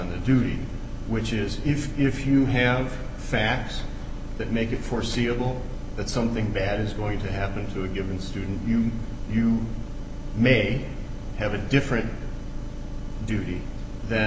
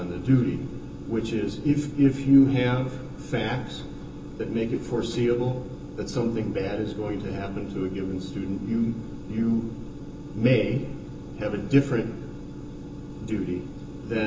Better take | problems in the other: first | room echo; dies away in 0.2 s

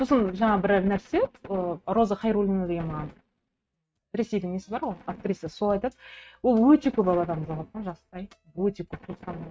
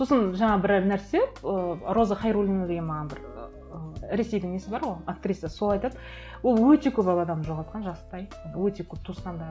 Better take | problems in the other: second | noise reduction (neural mask model RNNoise)

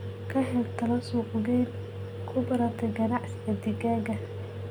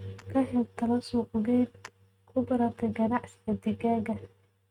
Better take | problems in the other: first | noise reduction (neural mask model RNNoise)

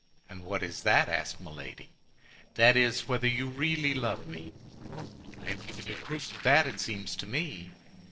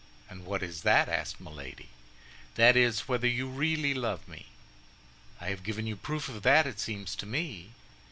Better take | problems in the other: second | noise reduction (neural separator model SepFormer DNS4)

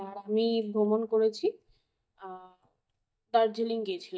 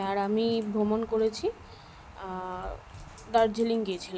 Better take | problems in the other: second | noise reduction (neural mask model DeepFilterNet 3)

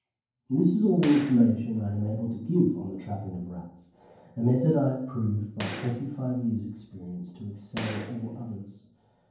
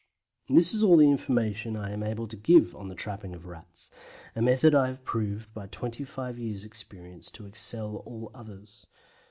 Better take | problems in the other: second | background sound (Gunshot, gunfire); 14 dB below the speech // room echo; dies away in 0.9 s

